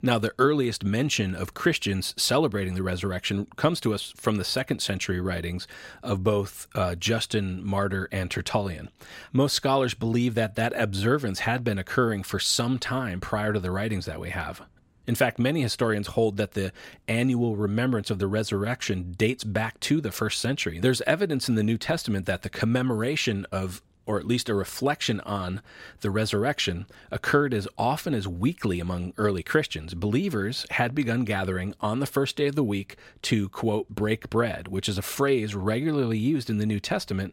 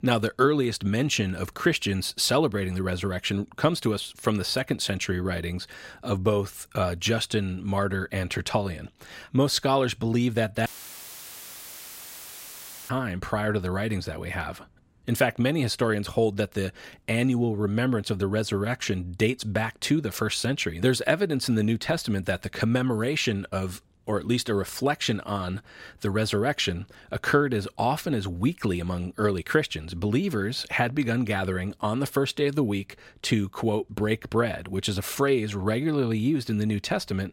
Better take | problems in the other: first | audio cutting out; filled with static; at 11 s for 2 s

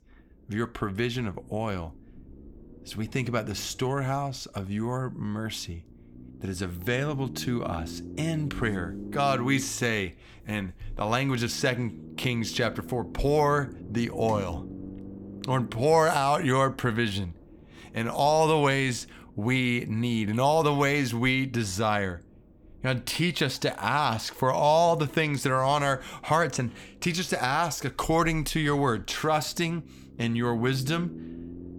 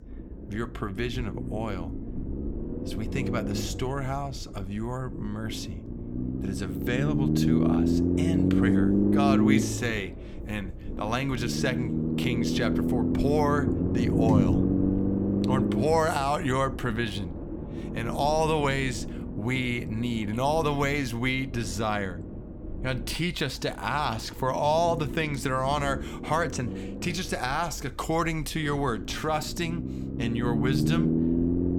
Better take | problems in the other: first | low rumble; loud; throughout; 4 dB below the speech; faint in the first

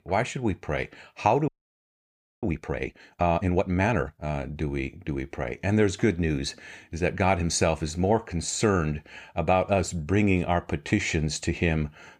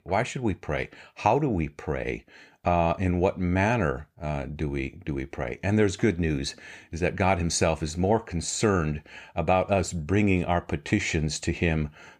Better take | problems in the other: second | audio freezing; at 1.5 s for 1 s

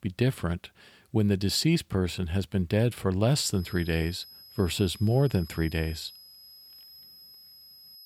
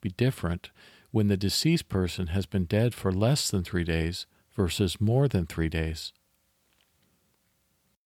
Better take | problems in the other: second | high-pitched whine; noticeable; from 3.5 s on; 5 kHz, 20 dB below the speech

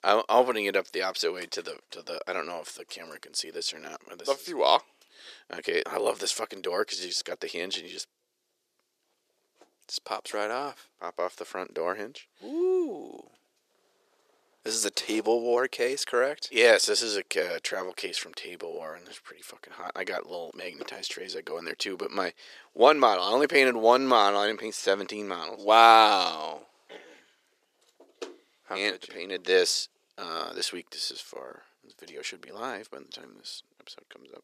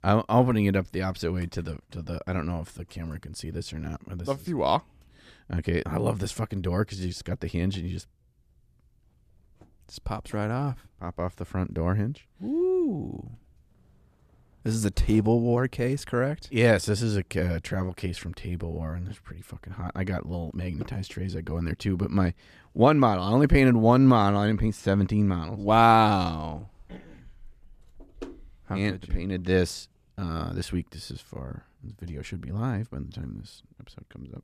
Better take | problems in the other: second | thin; very; fading below 400 Hz

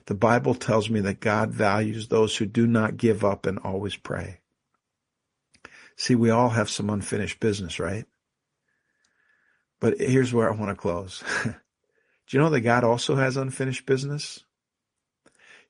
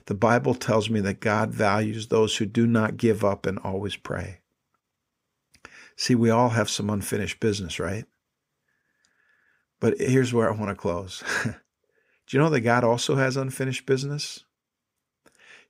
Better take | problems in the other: second | garbled, watery; slightly; nothing above 10.5 kHz

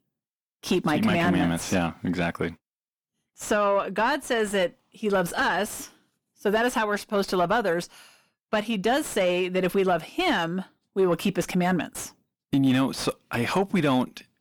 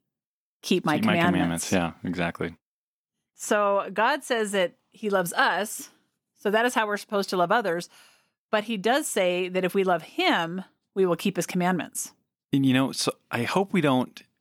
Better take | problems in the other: second | distortion; slight; 10 dB below the speech

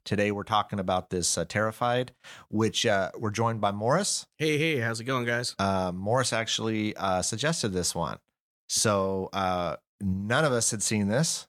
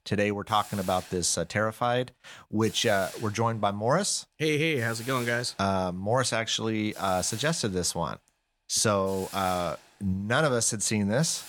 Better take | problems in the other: first | hiss; noticeable; throughout; 15 dB below the speech

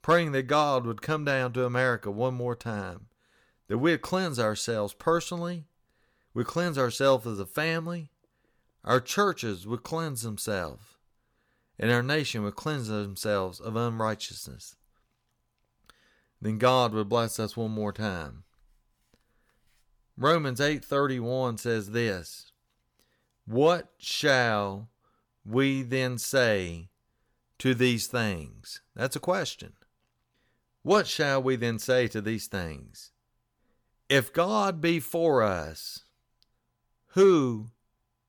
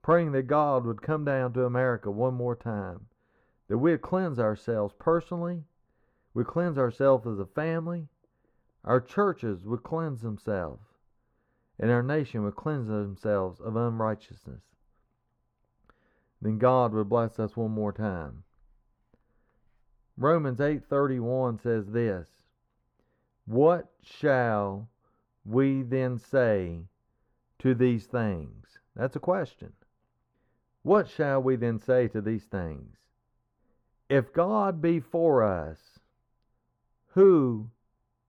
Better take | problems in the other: first | muffled; very; fading above 2.5 kHz

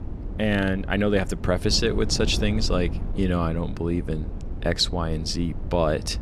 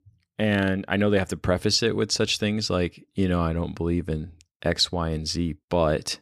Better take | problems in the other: second | wind noise on the microphone; occasional gusts; 15 dB below the speech

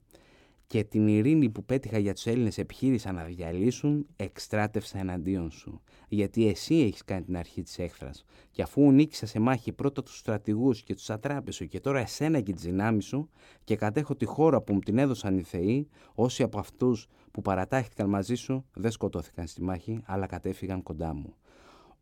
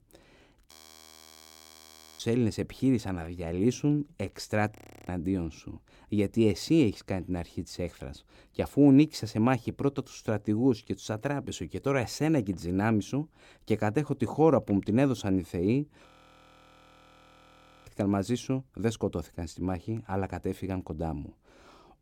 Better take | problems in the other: first | audio freezing; at 0.5 s for 1.5 s, at 5 s and at 16 s for 2 s

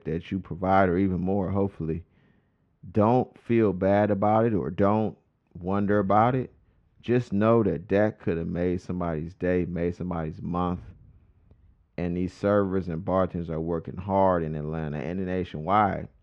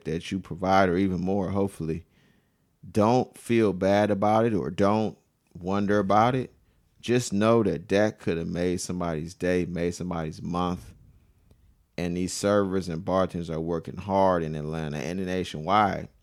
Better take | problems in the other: second | muffled; very; fading above 2 kHz

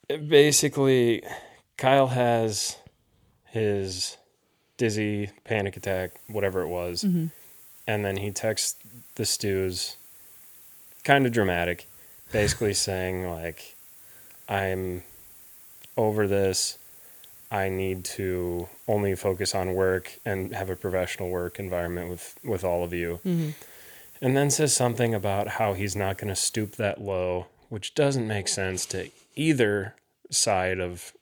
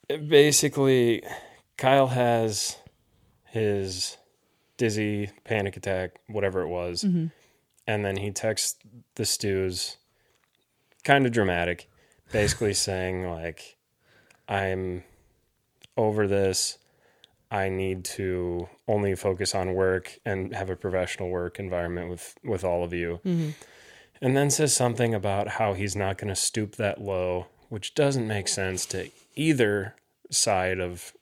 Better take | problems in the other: second | hiss; faint; from 6 to 27 s; 20 dB below the speech

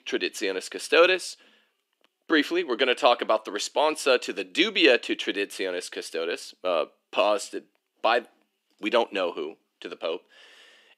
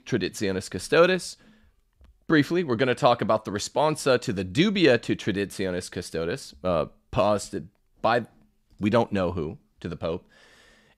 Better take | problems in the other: second | thin; somewhat; fading below 300 Hz

